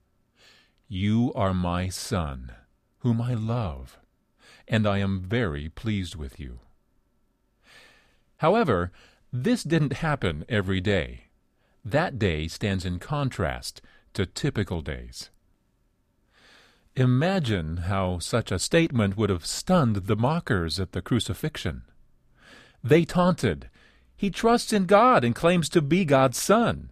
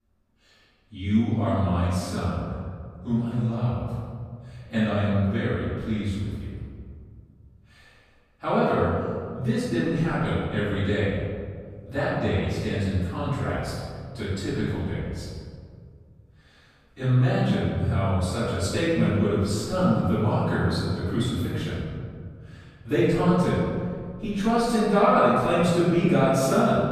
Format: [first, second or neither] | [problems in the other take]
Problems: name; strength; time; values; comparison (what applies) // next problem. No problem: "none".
first | off-mic speech; far // room echo; strong; dies away in 1.9 s